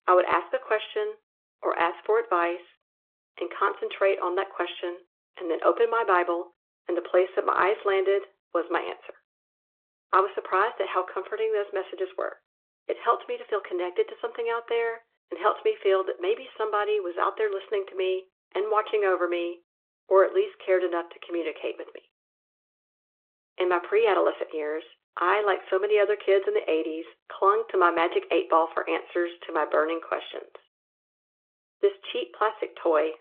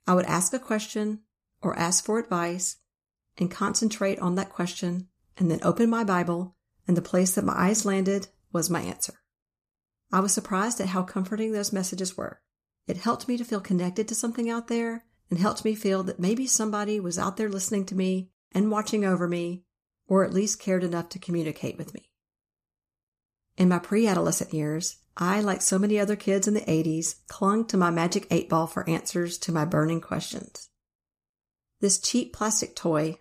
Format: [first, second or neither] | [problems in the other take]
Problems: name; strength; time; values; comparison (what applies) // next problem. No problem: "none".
second | phone-call audio; nothing above 3.5 kHz